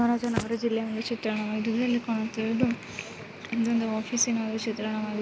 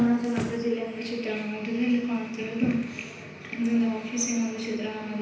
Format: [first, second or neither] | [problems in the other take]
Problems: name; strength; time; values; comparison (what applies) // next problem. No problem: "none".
first | room echo; dies away in 0.9 s